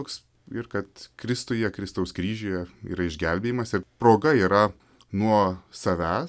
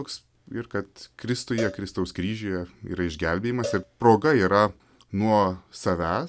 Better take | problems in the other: first | background sound (Cowbell); 16 dB below the speech

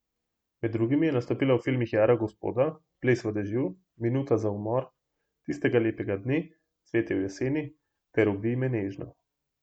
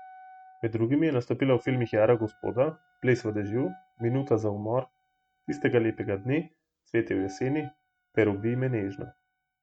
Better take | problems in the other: first | noise reduction (neural mask model RNNoise)

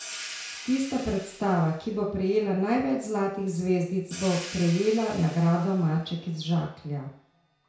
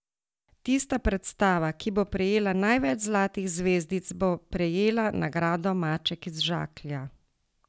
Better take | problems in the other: second | background sound (Hi-hat); 16 dB below the speech // room echo; dies away in 0.6 s

